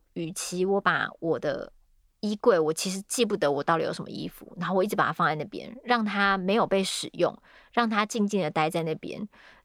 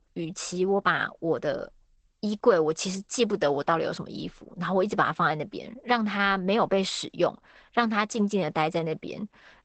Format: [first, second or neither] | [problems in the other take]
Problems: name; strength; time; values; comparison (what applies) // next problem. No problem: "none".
first | garbled, watery; badly; nothing above 8 kHz